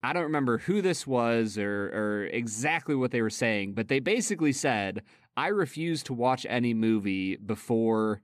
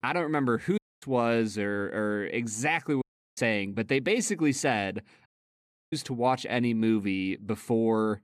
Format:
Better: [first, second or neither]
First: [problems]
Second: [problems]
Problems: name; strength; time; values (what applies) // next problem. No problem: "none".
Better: first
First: none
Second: audio cutting out; at 1 s, at 3 s and at 5.5 s for 0.5 s